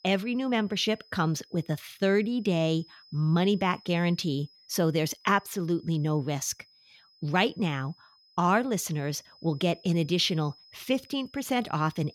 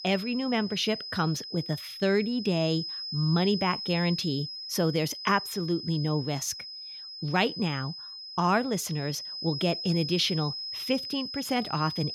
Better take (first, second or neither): first